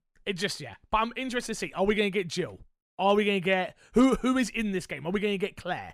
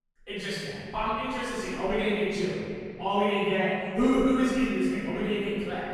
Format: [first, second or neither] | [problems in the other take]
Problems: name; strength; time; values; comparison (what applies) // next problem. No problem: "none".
first | off-mic speech; far // room echo; strong; dies away in 2.6 s